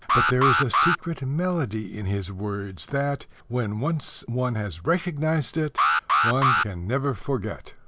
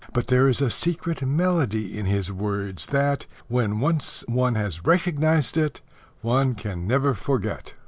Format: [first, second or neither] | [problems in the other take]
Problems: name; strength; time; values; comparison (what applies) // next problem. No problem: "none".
second | background sound (Alarm); 2 dB above the speech